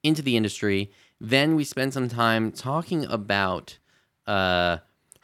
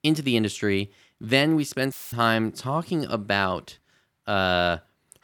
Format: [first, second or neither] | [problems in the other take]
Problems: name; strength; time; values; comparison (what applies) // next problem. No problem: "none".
first | audio cutting out; filled with static; at 2 s